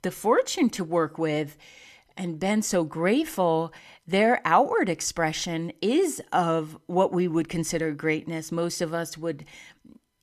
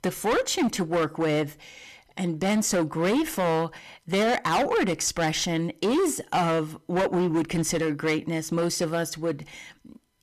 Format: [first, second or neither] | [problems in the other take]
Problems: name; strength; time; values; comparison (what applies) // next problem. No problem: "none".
first | distortion; heavy; 15% of the sound clipped